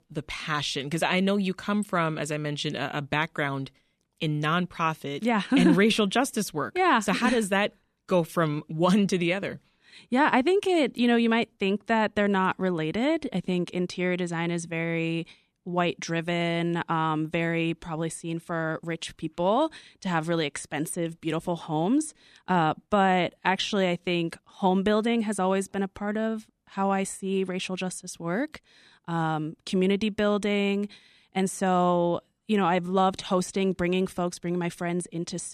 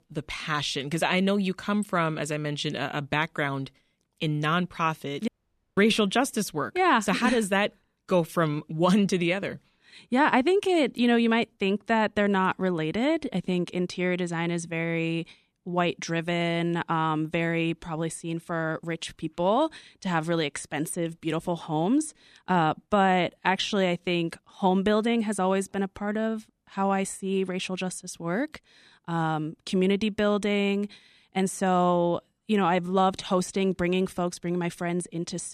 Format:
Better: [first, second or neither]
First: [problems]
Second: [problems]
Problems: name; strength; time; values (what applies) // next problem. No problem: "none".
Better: first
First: none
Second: audio cutting out; at 5.5 s